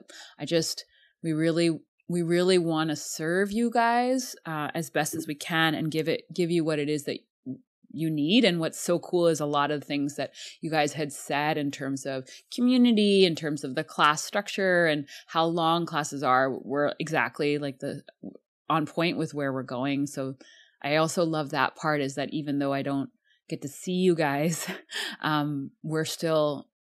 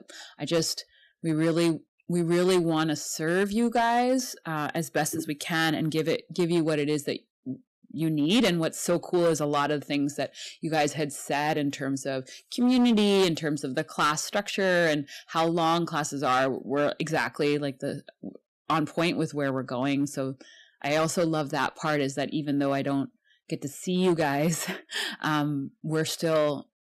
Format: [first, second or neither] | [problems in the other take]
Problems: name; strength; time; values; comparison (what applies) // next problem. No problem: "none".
first | distortion; slight; 6% of the sound clipped